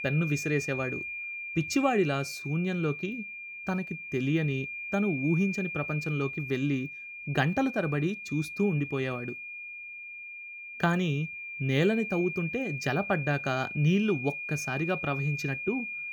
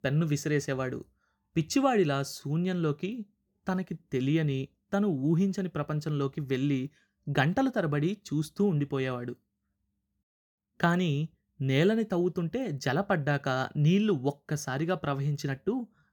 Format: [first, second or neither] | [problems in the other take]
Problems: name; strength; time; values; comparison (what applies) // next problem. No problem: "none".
second | high-pitched whine; loud; throughout; 2.5 kHz, 6 dB below the speech